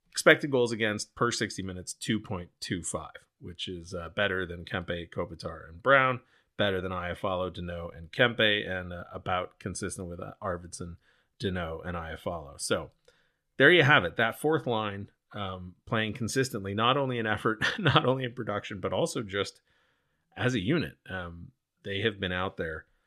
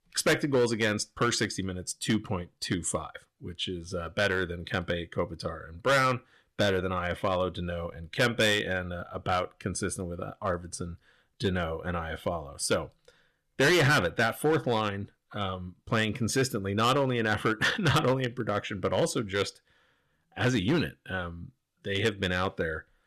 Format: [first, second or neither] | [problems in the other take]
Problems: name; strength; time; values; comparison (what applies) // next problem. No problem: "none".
first | distortion; heavy; 4% of the sound clipped